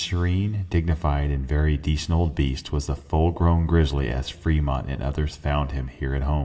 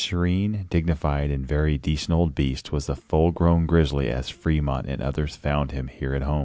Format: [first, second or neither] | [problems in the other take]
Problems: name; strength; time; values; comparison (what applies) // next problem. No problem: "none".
second | room echo; dies away in 0.7 s